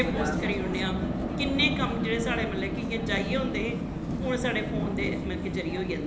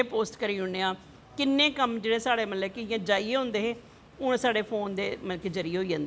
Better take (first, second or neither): second